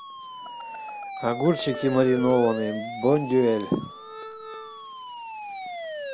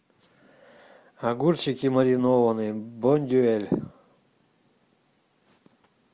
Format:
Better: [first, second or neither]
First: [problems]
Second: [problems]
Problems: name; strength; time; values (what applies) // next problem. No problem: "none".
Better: second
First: background sound (Siren); 9 dB below the speech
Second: none